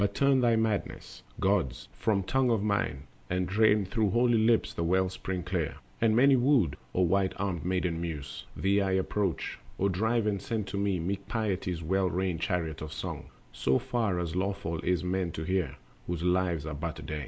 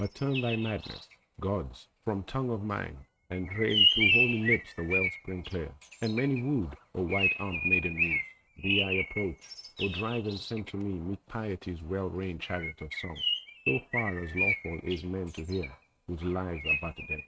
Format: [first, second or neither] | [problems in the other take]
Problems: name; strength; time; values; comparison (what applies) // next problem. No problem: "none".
first | noise reduction (neural mask model RNNoise)